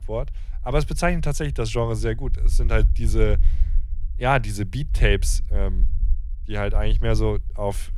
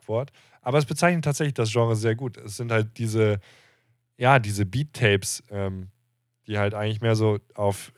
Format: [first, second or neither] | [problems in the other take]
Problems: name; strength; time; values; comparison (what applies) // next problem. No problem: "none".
second | low rumble; faint; throughout; 25 dB below the speech